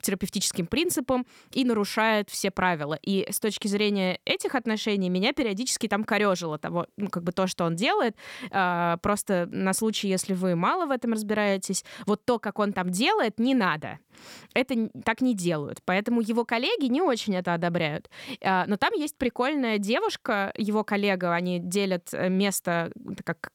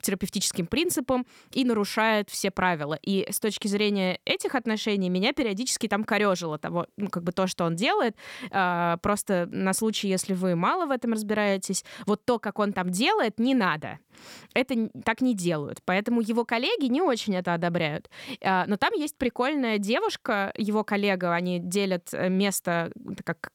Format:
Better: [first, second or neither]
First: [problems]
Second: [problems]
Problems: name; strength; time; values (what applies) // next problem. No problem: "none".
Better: neither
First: none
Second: none